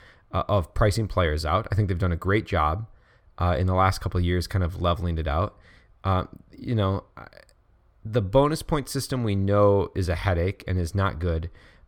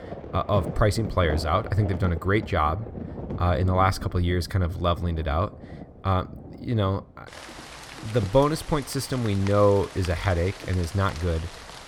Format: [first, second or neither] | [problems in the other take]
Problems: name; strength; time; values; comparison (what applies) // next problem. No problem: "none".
first | rain or running water; noticeable; throughout; 15 dB below the speech